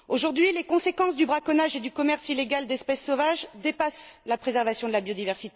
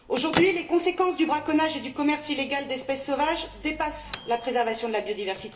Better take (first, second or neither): first